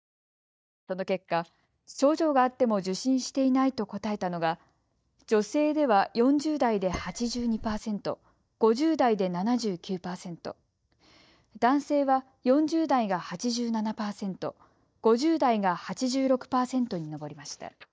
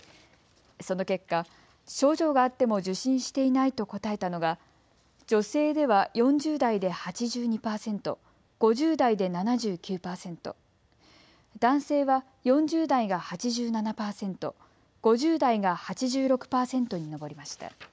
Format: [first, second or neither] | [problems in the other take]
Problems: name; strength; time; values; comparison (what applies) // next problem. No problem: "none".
second | noise reduction (neural mask model DeepFilterNet 3)